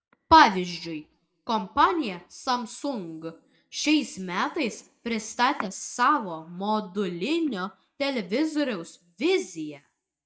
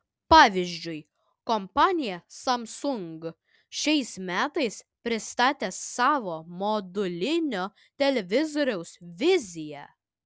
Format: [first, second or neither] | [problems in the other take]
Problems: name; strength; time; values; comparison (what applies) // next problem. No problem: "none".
second | noise reduction (neural mask model DeepFilterNet 3)